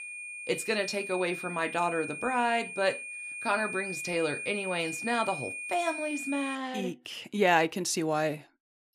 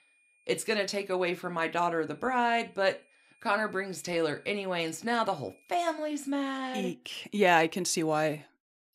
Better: second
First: high-pitched whine; loud; until 6.5 s; 2.5 kHz, 6 dB below the speech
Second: high-pitched whine; faint; until 6.5 s; 2.5 kHz, 35 dB below the speech

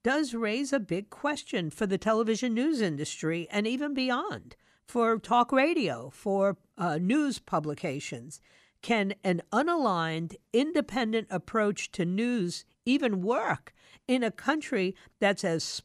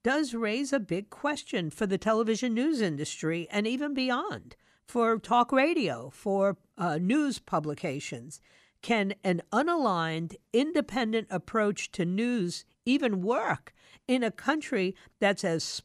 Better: neither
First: none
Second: none

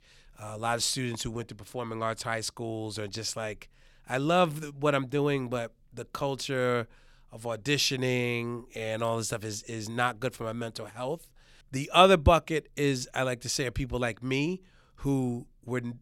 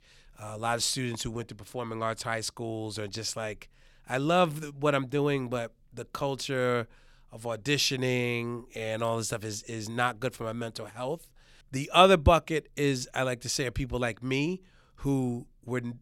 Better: neither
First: none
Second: none

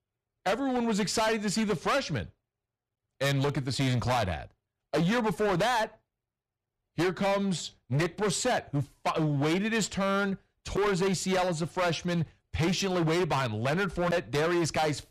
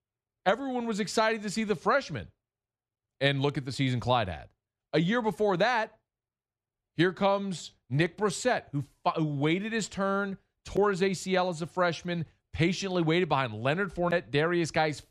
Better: second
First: distortion; heavy; 17% of the sound clipped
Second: none

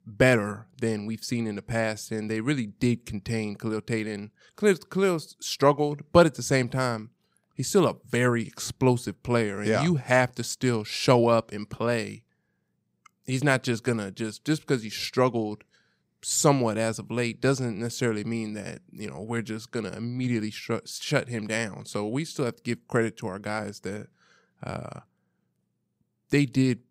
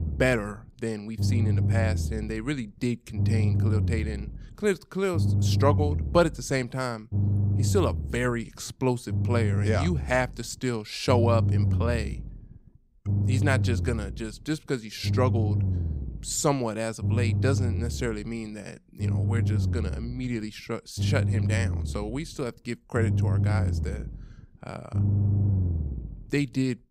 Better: first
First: none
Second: low rumble; loud; throughout; 9 dB below the speech

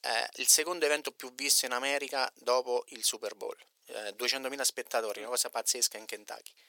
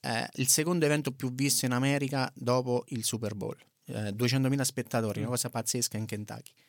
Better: second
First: thin; very; fading below 450 Hz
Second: none

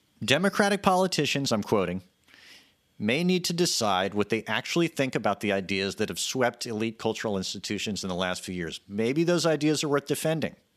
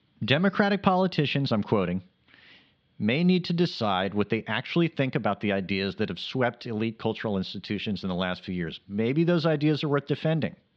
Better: first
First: none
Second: muffled; slightly; fading above 4 kHz

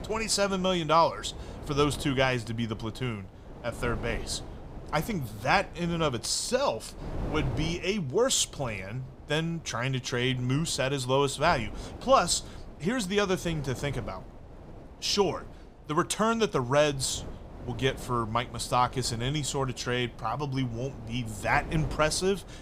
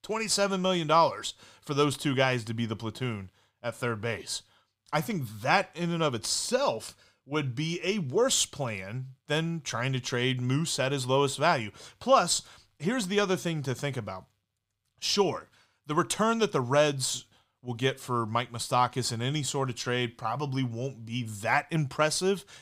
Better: second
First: wind noise on the microphone; occasional gusts; 20 dB below the speech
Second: none

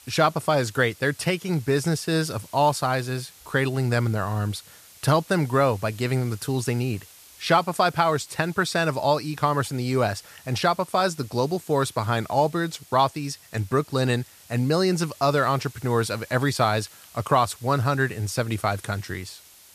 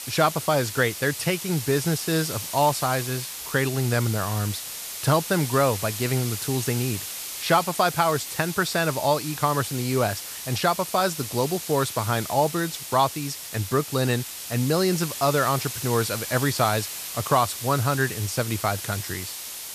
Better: first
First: hiss; faint; throughout; 25 dB below the speech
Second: hiss; loud; throughout; 7 dB below the speech

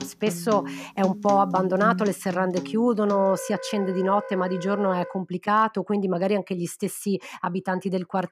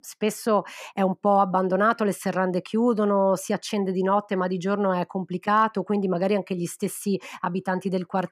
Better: second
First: background music; noticeable; until 5 s; 10 dB below the speech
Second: none

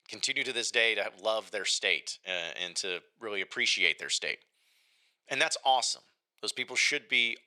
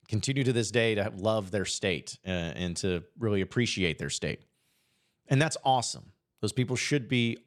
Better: second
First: thin; very; fading below 650 Hz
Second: none

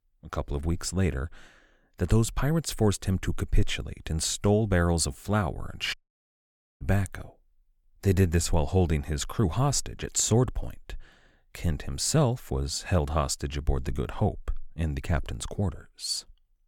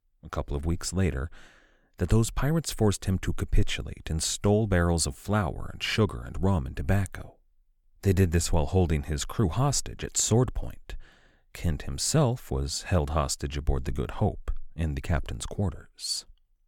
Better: second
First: audio cutting out; at 6 s for 1 s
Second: none

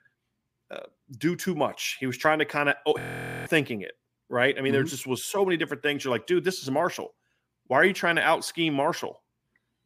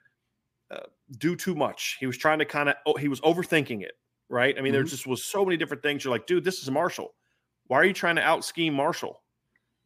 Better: second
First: audio freezing; at 3 s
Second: none

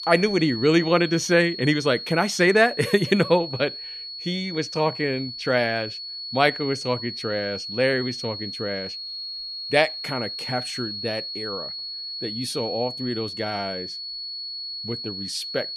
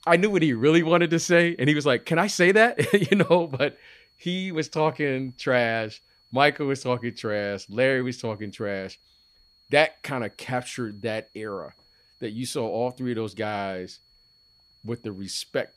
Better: second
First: high-pitched whine; loud; throughout; 4.5 kHz, 7 dB below the speech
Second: high-pitched whine; faint; throughout; 4.5 kHz, 35 dB below the speech

